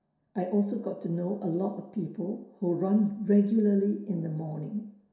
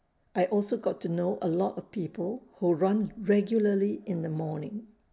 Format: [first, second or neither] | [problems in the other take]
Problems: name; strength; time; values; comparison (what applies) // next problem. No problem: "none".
second | room echo; dies away in 0.7 s